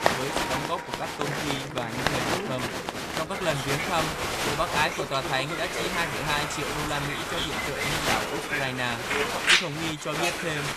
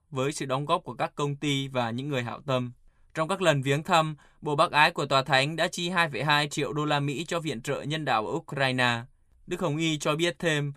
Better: second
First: crowd noise; very loud; throughout; 3 dB above the speech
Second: none

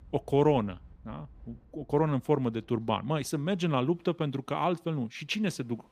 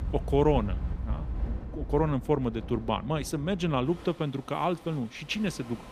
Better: first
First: train or aircraft noise; faint; throughout; 30 dB below the speech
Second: train or aircraft noise; loud; throughout; 9 dB below the speech

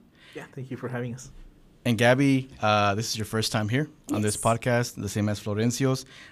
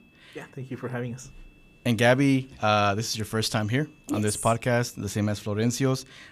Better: first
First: none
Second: high-pitched whine; faint; throughout; 2.5 kHz, 35 dB below the speech

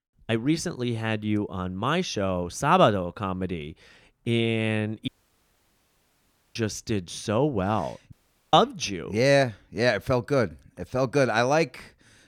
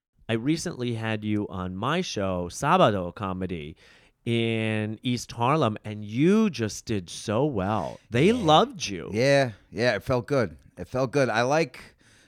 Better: second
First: audio cutting out; at 5 s for 1.5 s and at 8 s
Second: none

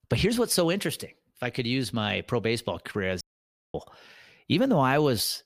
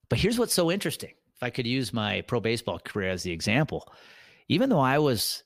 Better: second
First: audio cutting out; at 3 s for 0.5 s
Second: none

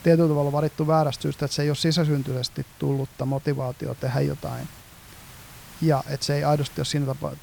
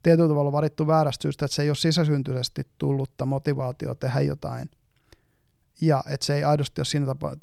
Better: second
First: hiss; faint; throughout; 20 dB below the speech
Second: none

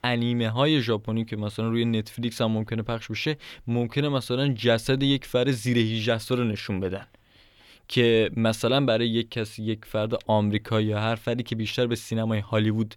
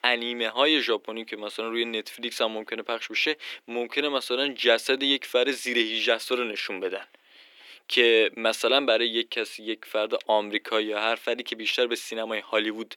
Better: first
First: none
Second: thin; somewhat; fading below 300 Hz

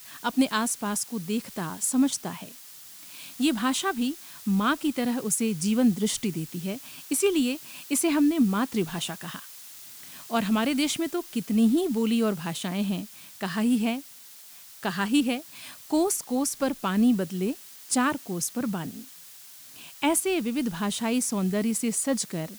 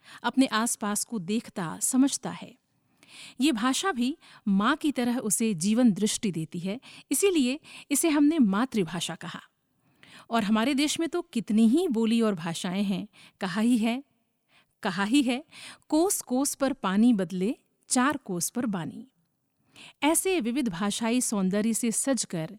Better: second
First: hiss; noticeable; throughout; 15 dB below the speech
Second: none

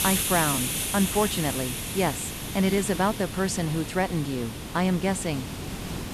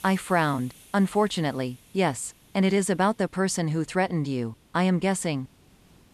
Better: second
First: hiss; loud; throughout; 3 dB below the speech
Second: hiss; faint; throughout; 25 dB below the speech

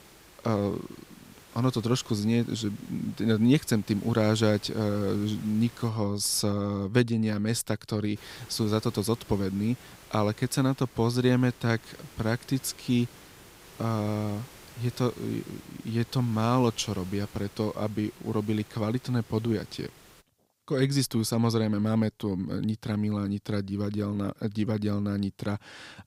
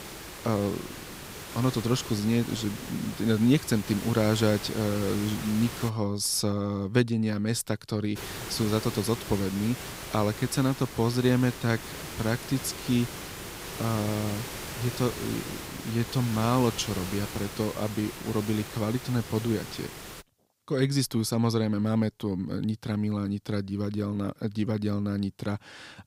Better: first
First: hiss; faint; until 6 s and from 8 to 20 s; 20 dB below the speech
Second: hiss; loud; until 6 s and from 8 to 20 s; 9 dB below the speech

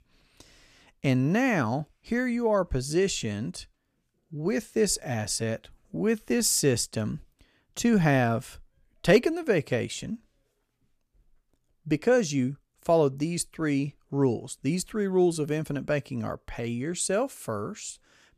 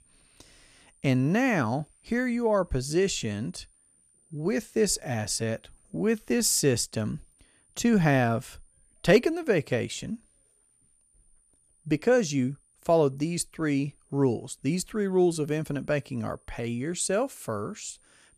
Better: first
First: none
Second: high-pitched whine; faint; throughout; 9 kHz, 35 dB below the speech

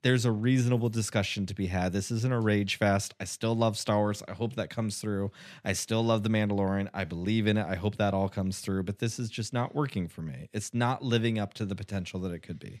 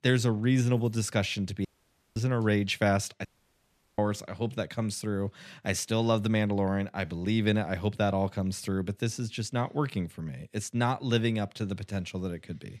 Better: first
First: none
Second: audio cutting out; at 1.5 s for 0.5 s and at 3.5 s for 0.5 s

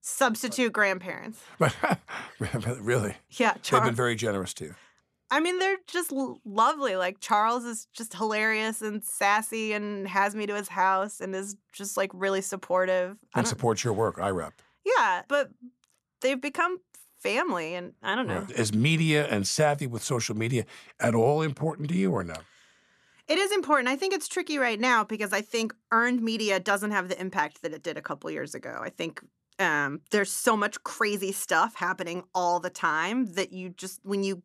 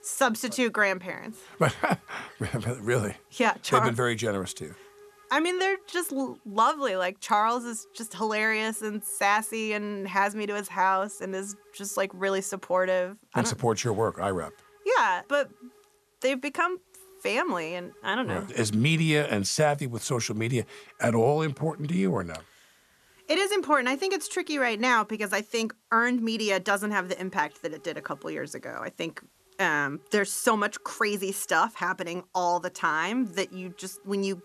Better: first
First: none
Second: hiss; faint; throughout; 30 dB below the speech

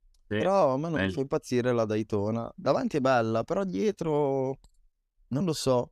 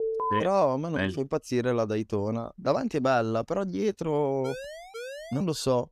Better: first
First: none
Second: alarm; noticeable; at the start; peak level with the speech // siren; faint; from 4.5 s on; peak 10 dB below the speech

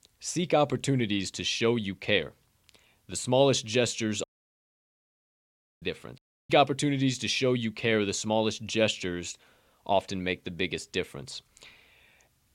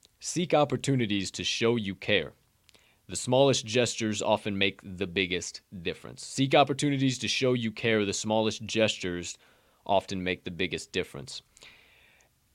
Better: second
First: audio cutting out; at 4 s for 1.5 s and at 6 s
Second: none

